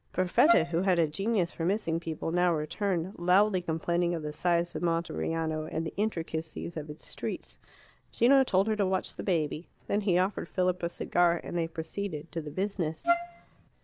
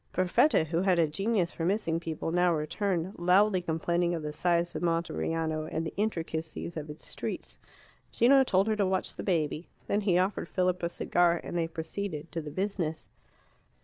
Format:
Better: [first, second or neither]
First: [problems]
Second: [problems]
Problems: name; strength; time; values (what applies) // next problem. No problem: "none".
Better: second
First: background sound (Wind instrument, woodwind instrument); 2 dB below the speech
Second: none